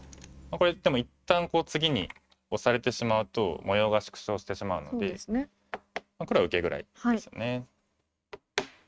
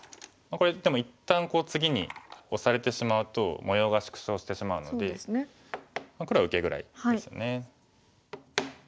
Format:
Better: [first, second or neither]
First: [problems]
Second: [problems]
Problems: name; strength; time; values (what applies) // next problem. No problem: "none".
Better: second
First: noise reduction (neural mask model RNNoise)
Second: none